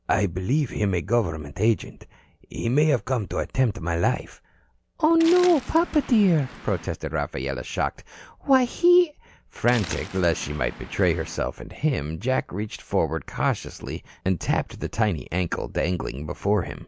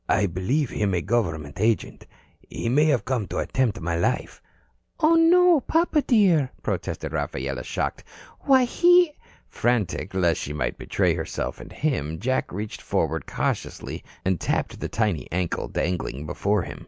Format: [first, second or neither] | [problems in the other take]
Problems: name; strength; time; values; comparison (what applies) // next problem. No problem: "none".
second | background sound (Waves, surf); 17 dB below the speech